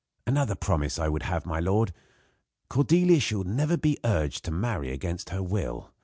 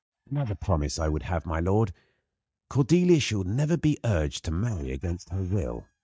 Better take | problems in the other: first | noise reduction (neural mask model DeepFilterNet 3)

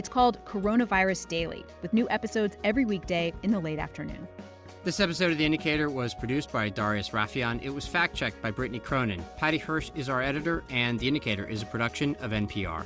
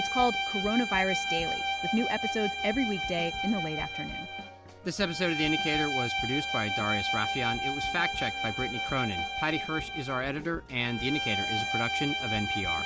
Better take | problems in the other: first | background sound (Bowed string instrument); 1 dB below the speech

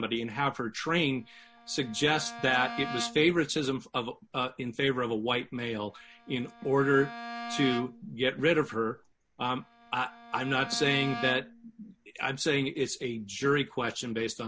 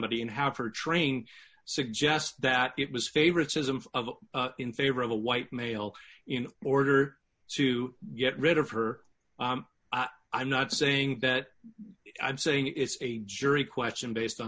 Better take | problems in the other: second | background sound (Bowed string instrument); 13 dB below the speech

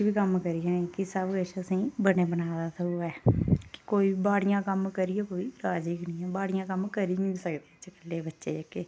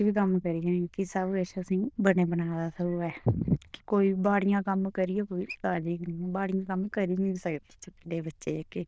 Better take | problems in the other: first | noise reduction (neural diffusion model UNIVERSE++)

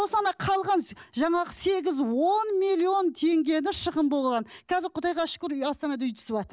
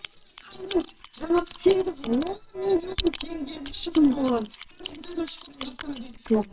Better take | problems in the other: first | noise reduction (neural separator model SepFormer WHAMR!)

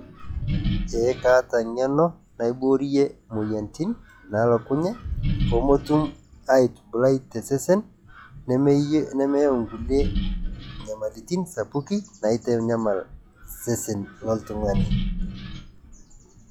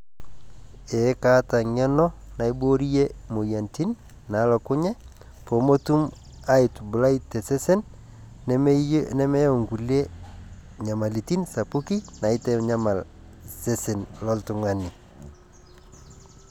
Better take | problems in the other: second | noise reduction (classical method log-MMSE)

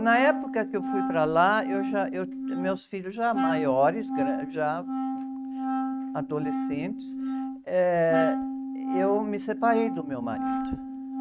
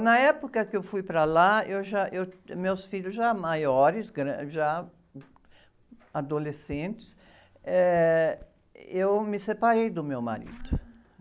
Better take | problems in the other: second | noise reduction (neural mask model RNNoise)

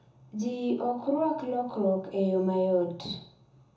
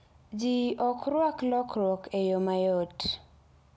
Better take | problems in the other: second | room echo; dies away in 0.6 s

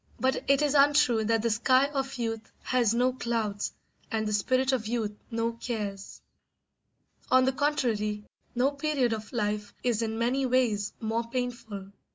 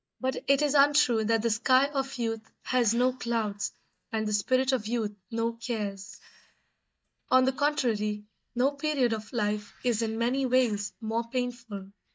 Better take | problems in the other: first | noise reduction (neural mask model DeepFilterNet 3)

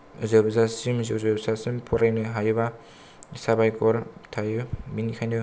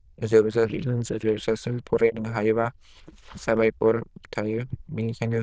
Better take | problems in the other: first | noise reduction (neural diffusion model UNIVERSE++)

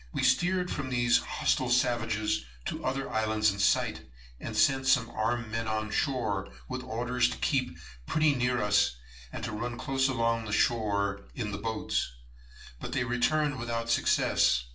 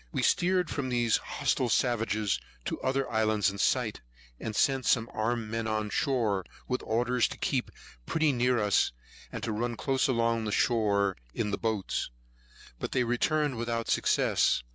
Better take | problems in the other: second | room echo; dies away in 0.3 s

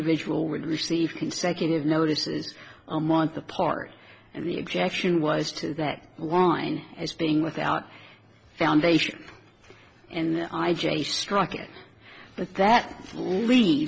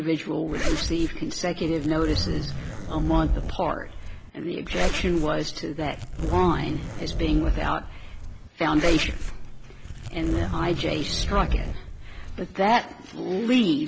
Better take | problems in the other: first | background sound (Zipper (clothing)); 2 dB below the speech

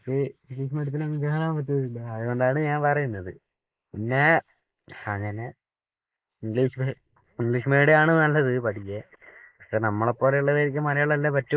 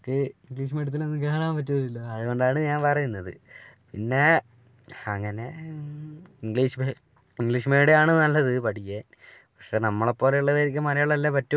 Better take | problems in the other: second | noise reduction (neural mask model Resemble Enhance denoiser)

